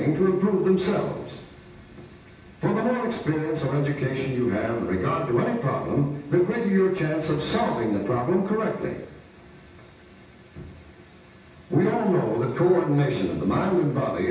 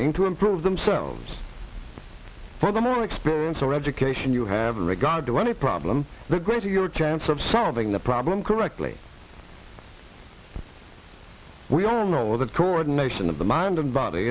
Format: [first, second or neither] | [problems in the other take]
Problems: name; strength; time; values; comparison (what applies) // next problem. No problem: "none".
second | room echo; dies away in 0.9 s